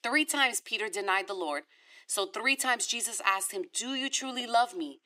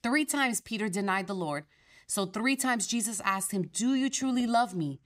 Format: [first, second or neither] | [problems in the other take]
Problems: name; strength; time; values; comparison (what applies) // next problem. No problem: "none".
second | thin; somewhat; fading below 300 Hz